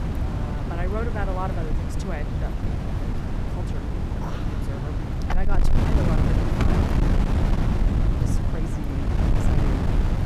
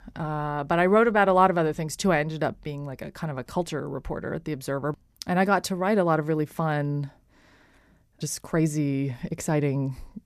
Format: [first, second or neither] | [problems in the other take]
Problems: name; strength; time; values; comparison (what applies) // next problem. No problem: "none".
second | wind noise on the microphone; heavy; 4 dB above the speech